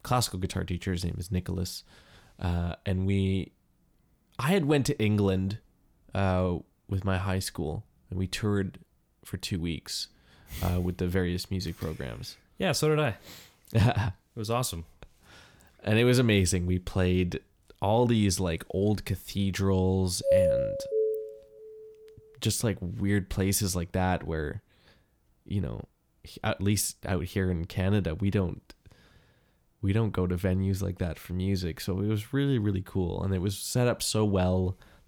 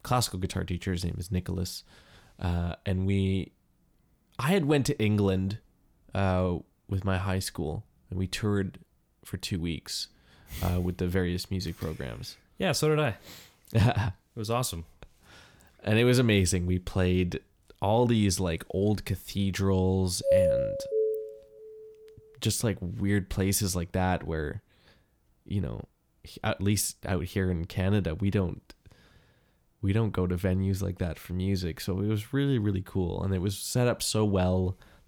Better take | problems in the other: neither | doorbell; loud; from 20 to 21 s; peak 5 dB above the speech; the same in both

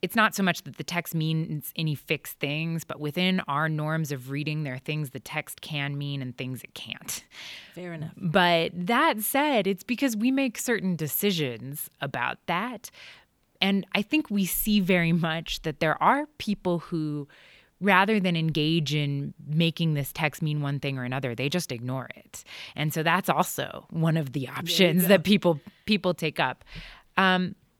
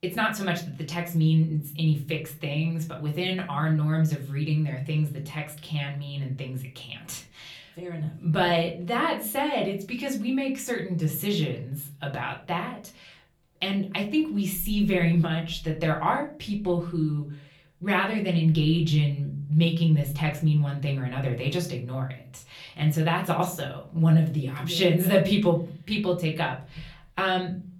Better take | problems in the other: first | off-mic speech; far // room echo; very slight; dies away in 0.4 s

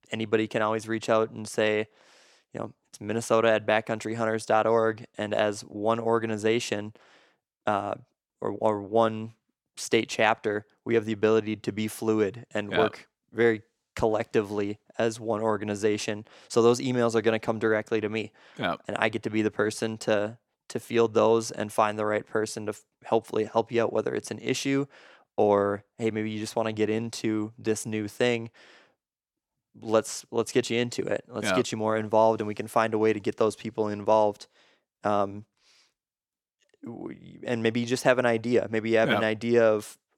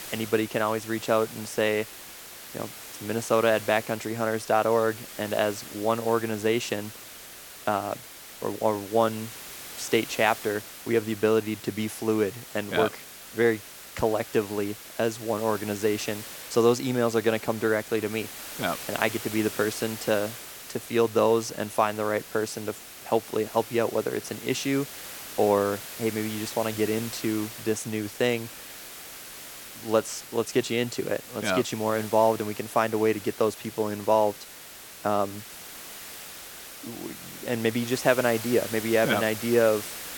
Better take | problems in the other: first | hiss; noticeable; throughout; 10 dB below the speech

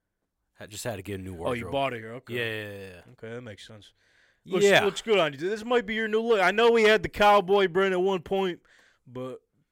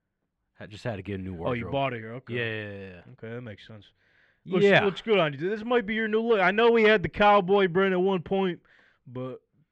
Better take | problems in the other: first | muffled; slightly; fading above 2.5 kHz

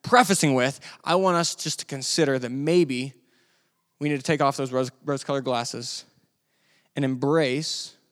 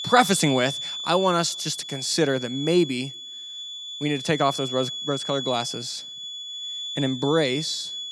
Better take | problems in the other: first | high-pitched whine; loud; throughout; 3.5 kHz, 7 dB below the speech

